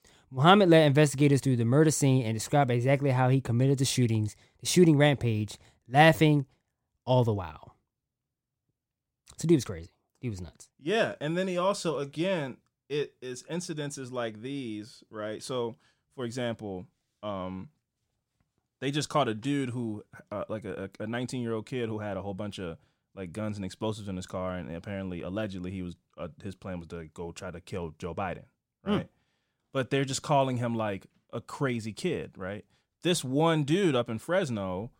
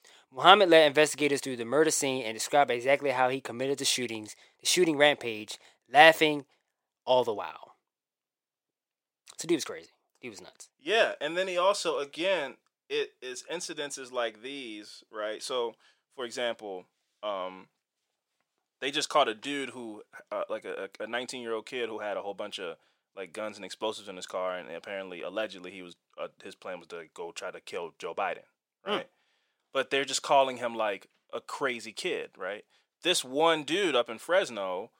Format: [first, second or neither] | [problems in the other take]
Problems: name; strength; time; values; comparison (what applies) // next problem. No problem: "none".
first | thin; very; fading below 500 Hz